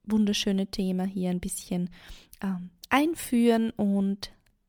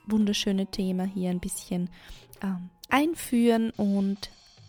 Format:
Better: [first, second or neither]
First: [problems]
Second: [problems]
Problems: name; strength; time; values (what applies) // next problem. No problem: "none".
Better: first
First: none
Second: background music; faint; throughout; 30 dB below the speech